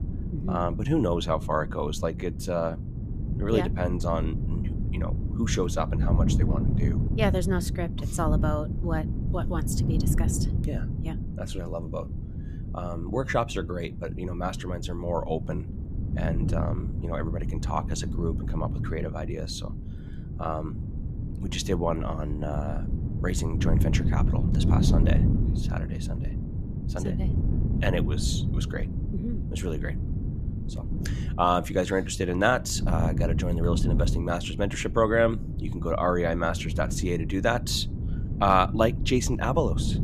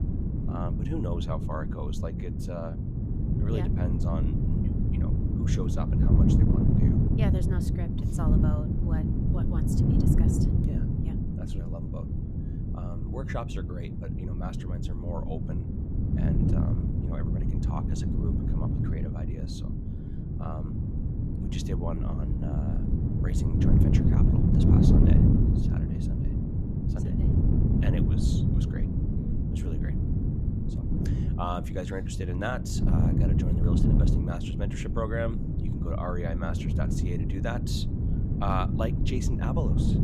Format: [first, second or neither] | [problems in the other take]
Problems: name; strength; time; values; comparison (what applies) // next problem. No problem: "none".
first | wind noise on the microphone; heavy; 1 dB above the speech; occasional gusts in the first